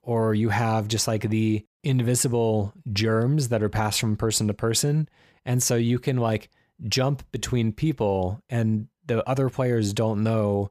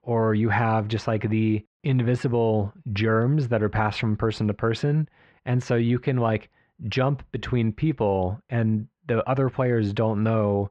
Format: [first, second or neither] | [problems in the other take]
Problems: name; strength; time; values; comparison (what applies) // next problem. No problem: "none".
first | muffled; very; fading above 3 kHz